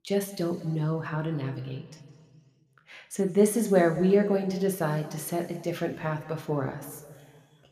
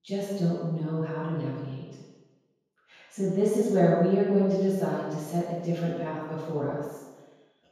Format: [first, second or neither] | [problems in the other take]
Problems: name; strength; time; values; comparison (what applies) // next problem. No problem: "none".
first | room echo; strong; dies away in 1.2 s; slight in the first // off-mic speech; far